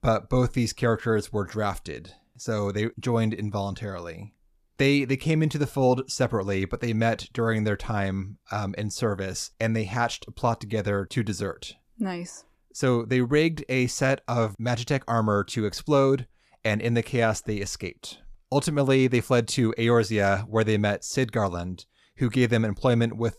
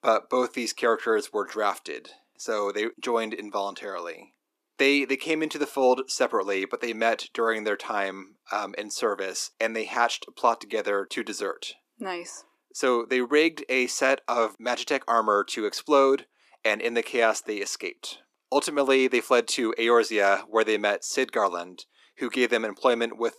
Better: first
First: none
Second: thin; somewhat; fading below 300 Hz

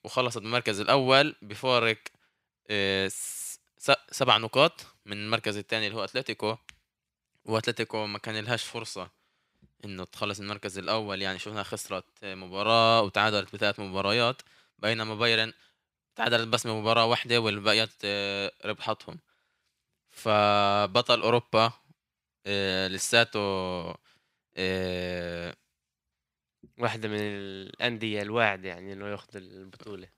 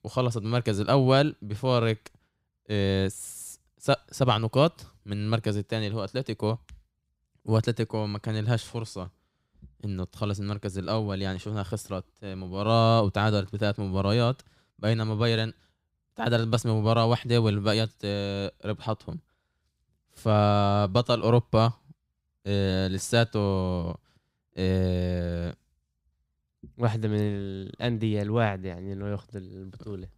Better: second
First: thin; somewhat; fading below 650 Hz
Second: none

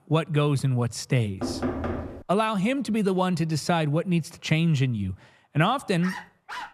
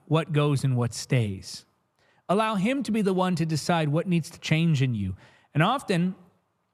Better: second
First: door banging; noticeable; at 1.5 s; peak 4 dB below the speech // dog barking; faint; at 6 s; peak 10 dB below the speech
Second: none

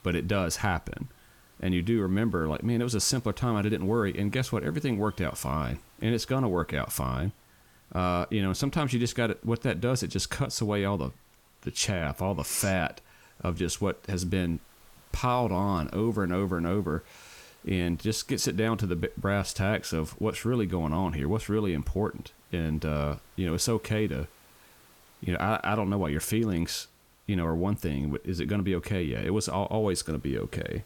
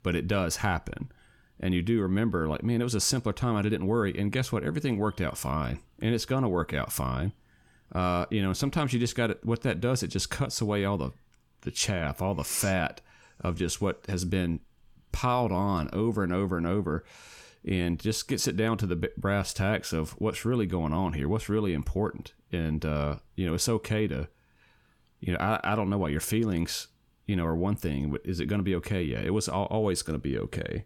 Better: second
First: hiss; faint; throughout; 30 dB below the speech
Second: none

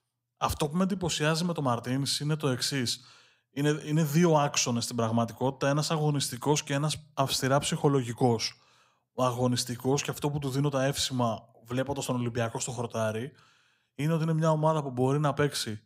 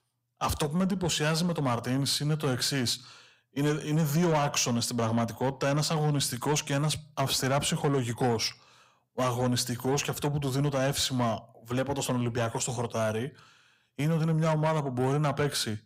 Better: first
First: none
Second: distortion; slight; 10 dB below the speech

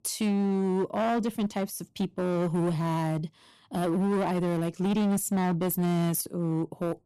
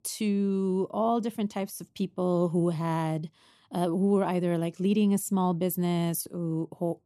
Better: second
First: distortion; slight; 19% of the sound clipped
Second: none

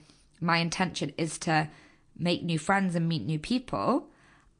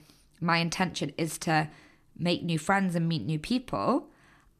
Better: second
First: garbled, watery; slightly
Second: none

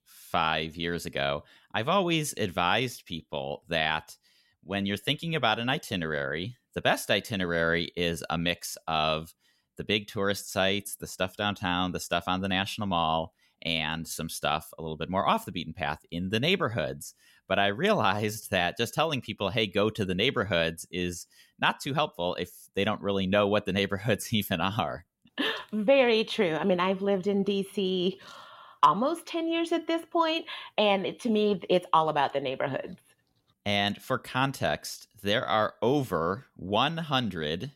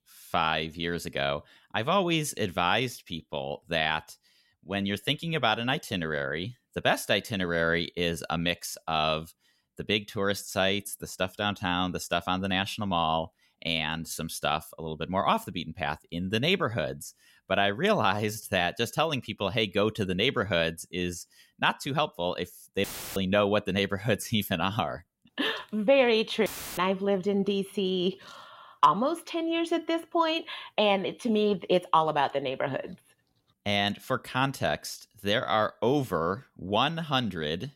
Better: first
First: none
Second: audio cutting out; filled with static; at 23 s and at 26 s

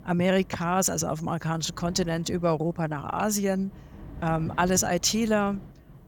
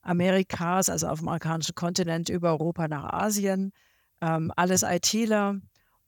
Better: second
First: wind noise on the microphone; occasional gusts; 25 dB below the speech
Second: none

